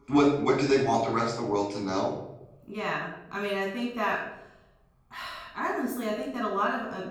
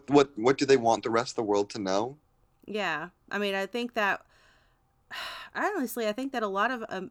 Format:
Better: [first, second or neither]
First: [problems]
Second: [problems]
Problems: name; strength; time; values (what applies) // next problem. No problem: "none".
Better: second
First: off-mic speech; far // room echo; noticeable; dies away in 0.8 s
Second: none